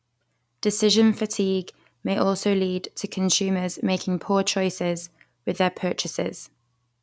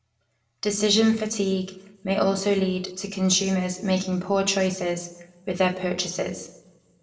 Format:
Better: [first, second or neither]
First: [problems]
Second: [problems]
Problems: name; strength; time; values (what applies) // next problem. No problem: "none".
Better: first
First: none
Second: room echo; dies away in 0.6 s